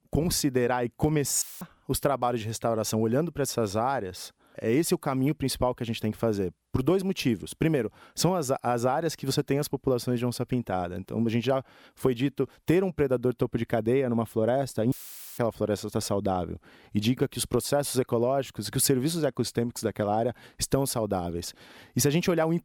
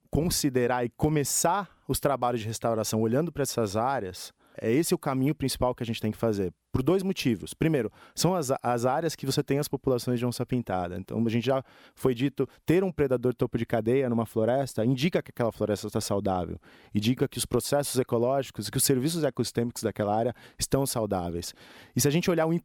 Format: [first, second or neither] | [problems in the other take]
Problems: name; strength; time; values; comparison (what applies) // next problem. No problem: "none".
second | audio cutting out; filled with static; at 1.5 s and at 15 s